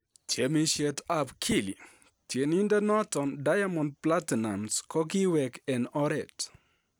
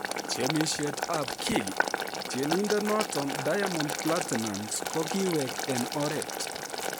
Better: first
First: none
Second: background sound (Boiling); 2 dB below the speech

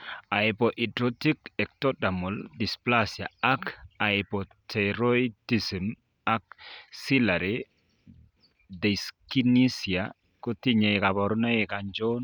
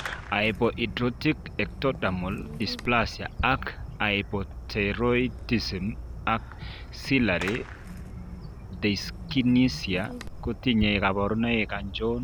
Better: first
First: none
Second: background sound (Fireworks); 10 dB below the speech

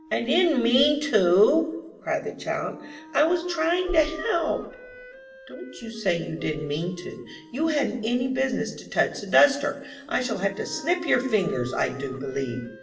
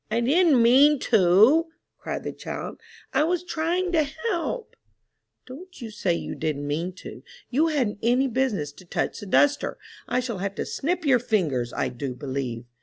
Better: second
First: background sound (Wind instrument, woodwind instrument); 19 dB below the speech // room echo; dies away in 0.8 s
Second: none

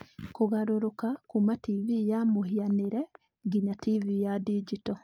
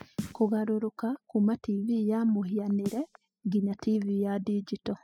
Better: first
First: none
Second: noise reduction (classical method spectral subtraction)

